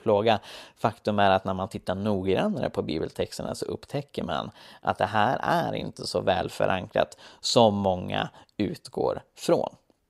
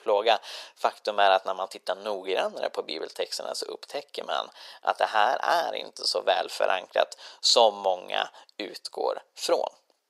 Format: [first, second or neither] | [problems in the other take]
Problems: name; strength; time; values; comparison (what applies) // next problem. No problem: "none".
first | thin; very; fading below 500 Hz